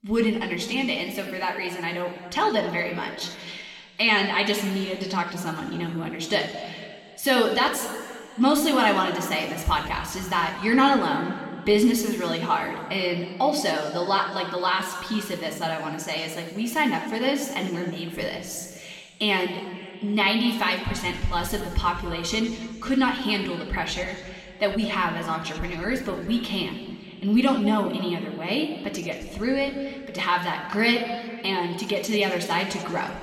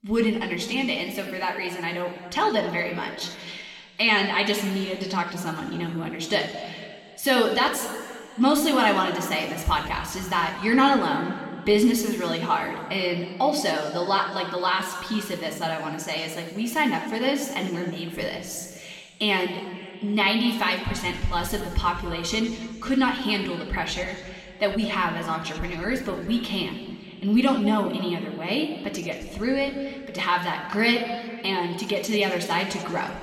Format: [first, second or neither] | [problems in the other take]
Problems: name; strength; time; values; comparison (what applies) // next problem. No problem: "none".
neither | room echo; noticeable; dies away in 2 s; the same in both // off-mic speech; somewhat distant; the same in both